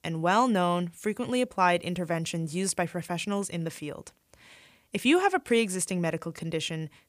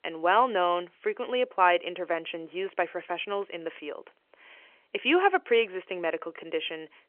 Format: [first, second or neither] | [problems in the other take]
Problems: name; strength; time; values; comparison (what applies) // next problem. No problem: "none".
first | phone-call audio; nothing above 3 kHz